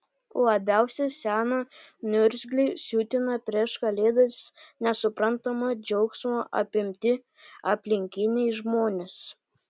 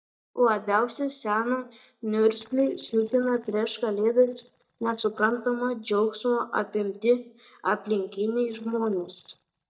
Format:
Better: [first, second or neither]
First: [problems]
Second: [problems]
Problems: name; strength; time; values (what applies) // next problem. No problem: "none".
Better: first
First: none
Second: noise reduction (neural mask model DeepFilterNet 3)